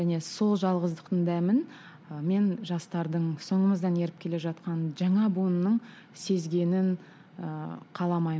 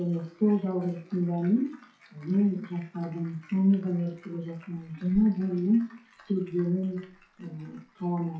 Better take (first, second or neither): first